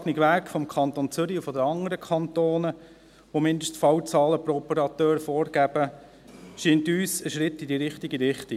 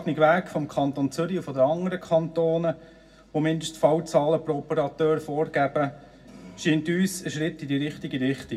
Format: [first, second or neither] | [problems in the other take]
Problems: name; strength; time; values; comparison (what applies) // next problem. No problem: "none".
first | room echo; dies away in 0.4 s